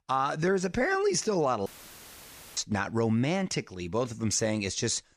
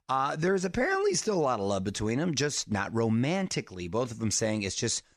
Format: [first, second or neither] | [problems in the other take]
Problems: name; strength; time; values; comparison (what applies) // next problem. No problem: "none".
second | audio cutting out; filled with static; at 1.5 s for 1 s